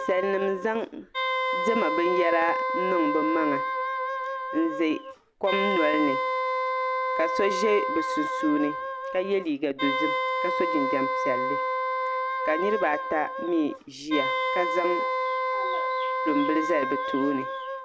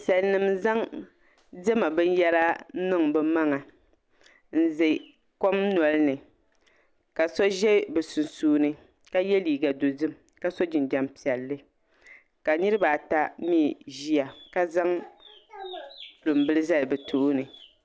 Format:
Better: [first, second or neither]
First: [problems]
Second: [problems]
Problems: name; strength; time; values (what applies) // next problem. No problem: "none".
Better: second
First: background sound (Wind instrument, woodwind instrument); as loud as the speech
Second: none